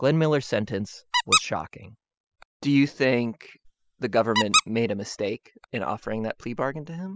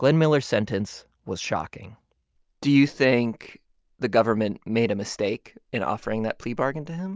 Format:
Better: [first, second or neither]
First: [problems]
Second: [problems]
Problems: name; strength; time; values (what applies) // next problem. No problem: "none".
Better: second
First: noise reduction (classical method spectral subtraction)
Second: none